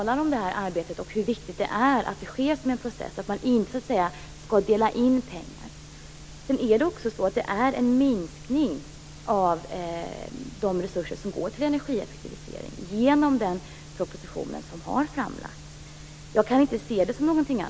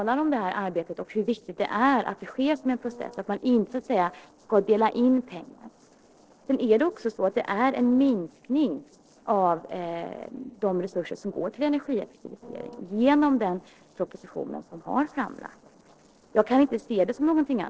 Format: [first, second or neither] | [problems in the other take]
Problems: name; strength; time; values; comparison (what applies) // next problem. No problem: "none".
first | noise reduction (neural separator model SepFormer DNS4)